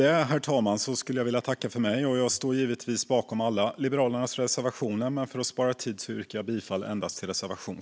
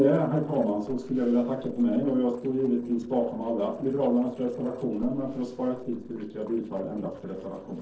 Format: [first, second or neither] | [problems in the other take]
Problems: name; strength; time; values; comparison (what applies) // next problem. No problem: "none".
first | noise reduction (neural separator model SepFormer DNS4)